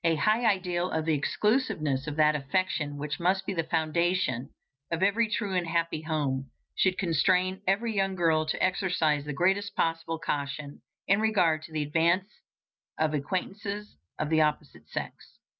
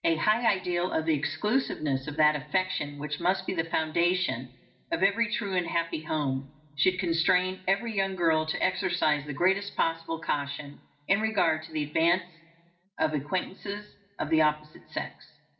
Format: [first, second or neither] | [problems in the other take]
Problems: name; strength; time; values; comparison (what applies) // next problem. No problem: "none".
first | room echo; dies away in 1.3 s